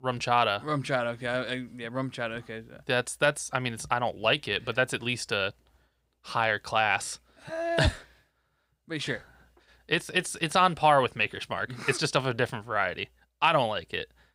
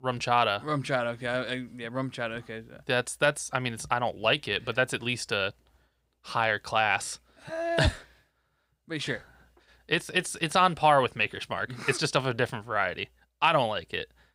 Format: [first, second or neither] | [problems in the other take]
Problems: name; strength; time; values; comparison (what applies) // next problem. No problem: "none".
neither | none